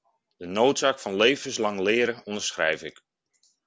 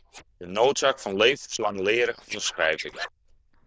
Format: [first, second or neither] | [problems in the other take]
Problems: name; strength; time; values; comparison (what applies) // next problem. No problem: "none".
first | noise reduction (neural diffusion model UNIVERSE++)